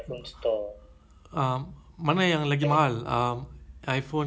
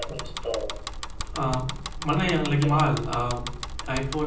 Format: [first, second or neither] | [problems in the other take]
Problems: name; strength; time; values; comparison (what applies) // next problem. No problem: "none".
first | background sound (Bicycle); 6 dB below the speech // room echo; dies away in 0.6 s